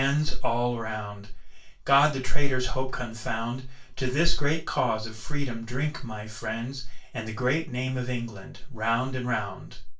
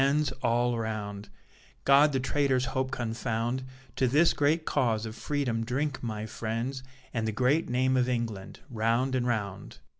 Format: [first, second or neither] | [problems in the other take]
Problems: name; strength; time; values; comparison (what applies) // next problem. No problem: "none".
second | room echo; dies away in 0.2 s